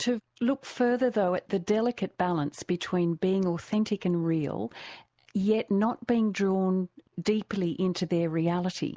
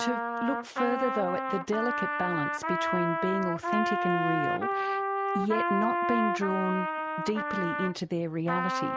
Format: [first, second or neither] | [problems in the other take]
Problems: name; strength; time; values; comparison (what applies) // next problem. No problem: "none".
first | background sound (Trumpet); 1 dB above the speech